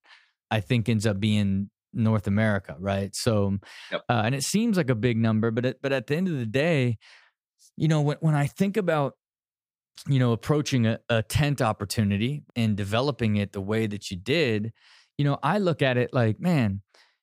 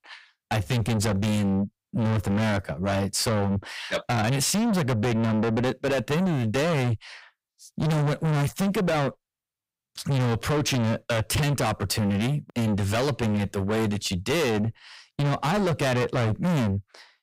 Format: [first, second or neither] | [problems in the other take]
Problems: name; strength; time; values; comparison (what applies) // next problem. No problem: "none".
first | distortion; heavy; 5 dB below the speech